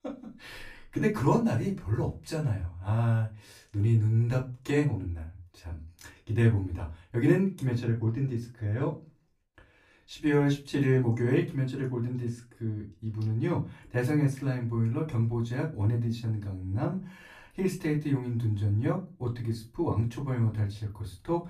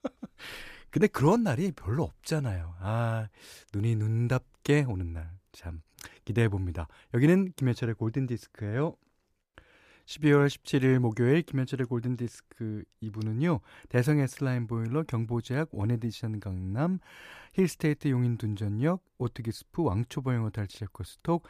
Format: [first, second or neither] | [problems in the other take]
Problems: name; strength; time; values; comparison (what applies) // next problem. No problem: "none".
second | off-mic speech; far // room echo; very slight; dies away in 0.2 s